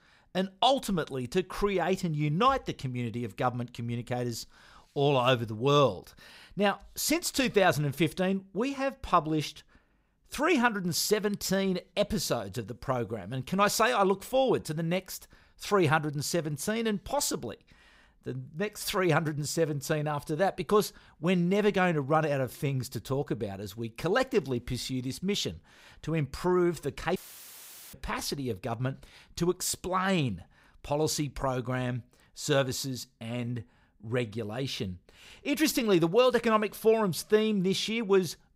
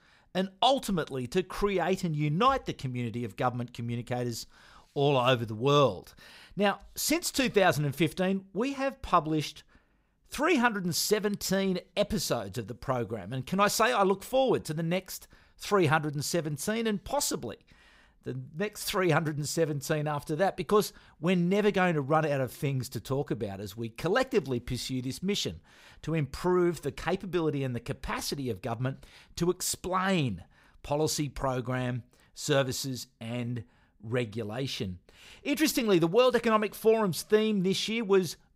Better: second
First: audio cutting out; filled with static; at 27 s for 1 s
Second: none

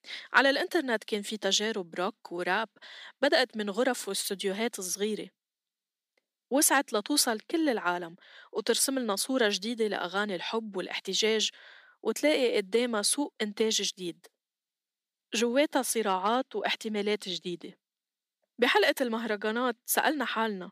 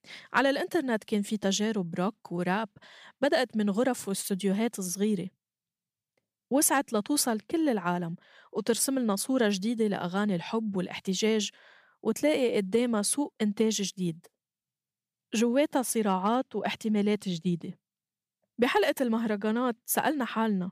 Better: second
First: thin; very slightly; fading below 250 Hz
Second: none

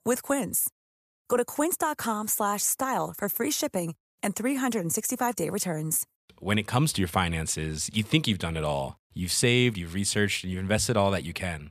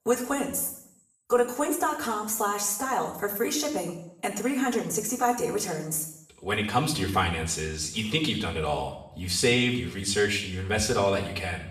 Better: first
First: none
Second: room echo; slight; dies away in 0.7 s // off-mic speech; far

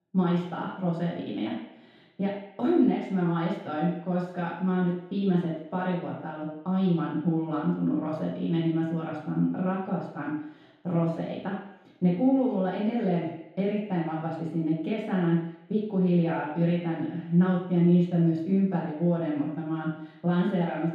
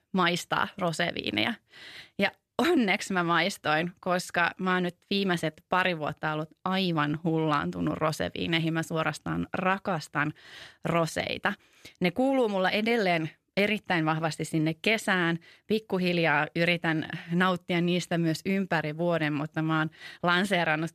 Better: second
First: room echo; strong; dies away in 0.8 s // off-mic speech; far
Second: none

